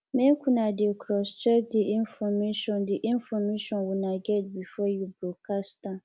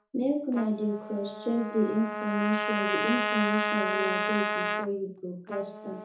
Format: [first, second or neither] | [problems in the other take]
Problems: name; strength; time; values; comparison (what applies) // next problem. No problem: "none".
first | background sound (Trumpet); 2 dB below the speech // room echo; dies away in 0.6 s